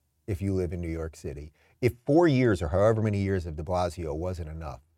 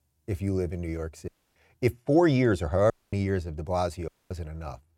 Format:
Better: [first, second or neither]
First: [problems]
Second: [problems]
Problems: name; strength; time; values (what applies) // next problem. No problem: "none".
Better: first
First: none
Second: audio cutting out; at 1.5 s, at 3 s and at 4 s